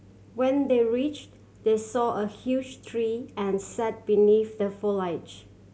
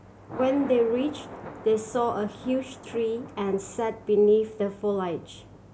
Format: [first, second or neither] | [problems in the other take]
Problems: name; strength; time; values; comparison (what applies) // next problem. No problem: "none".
first | background sound (Thunder); 17 dB below the speech